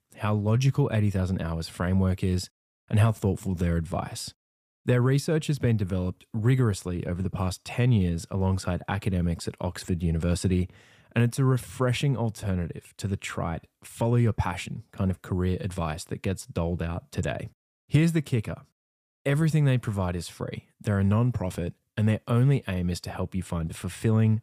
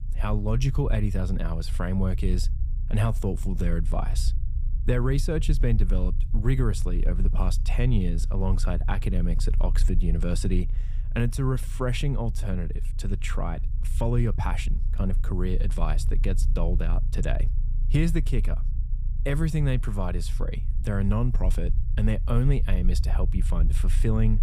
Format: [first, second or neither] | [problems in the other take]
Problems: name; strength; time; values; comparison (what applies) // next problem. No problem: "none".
first | low rumble; noticeable; throughout; 15 dB below the speech